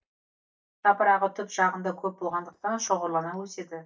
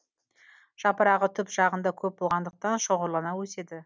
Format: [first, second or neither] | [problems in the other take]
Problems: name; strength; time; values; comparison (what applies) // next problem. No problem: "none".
second | noise reduction (neural mask model DeepFilterNet 3)